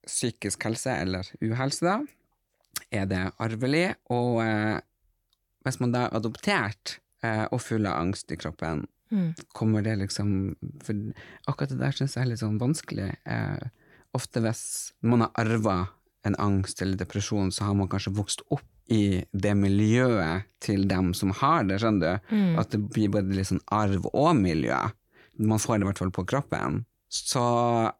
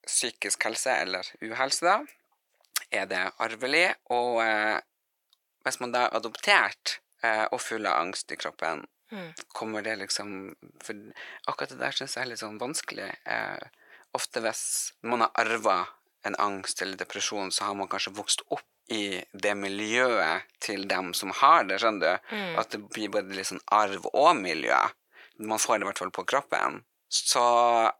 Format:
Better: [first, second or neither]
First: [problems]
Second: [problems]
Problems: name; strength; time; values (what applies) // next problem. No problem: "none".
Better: first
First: none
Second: thin; very; fading below 650 Hz